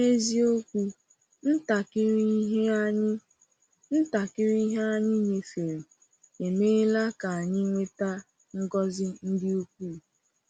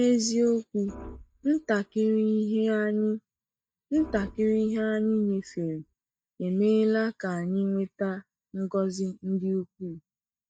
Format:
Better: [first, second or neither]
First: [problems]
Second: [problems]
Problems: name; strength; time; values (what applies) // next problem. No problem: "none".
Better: first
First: none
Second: noise reduction (neural mask model DeepFilterNet 3)